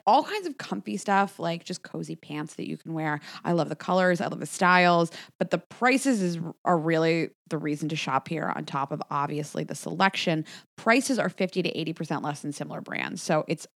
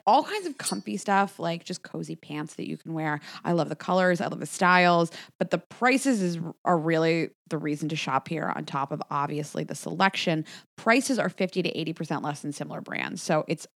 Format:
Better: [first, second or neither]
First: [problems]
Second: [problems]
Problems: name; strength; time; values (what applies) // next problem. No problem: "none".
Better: first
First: none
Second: clattering dishes; noticeable; at 0.5 s; peak 7 dB below the speech